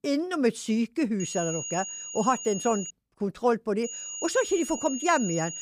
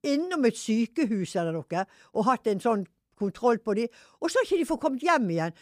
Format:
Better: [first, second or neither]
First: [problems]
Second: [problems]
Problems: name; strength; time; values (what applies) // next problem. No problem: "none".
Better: second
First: high-pitched whine; loud; from 1 to 3 s and from 4 s on; 6.5 kHz, 7 dB below the speech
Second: none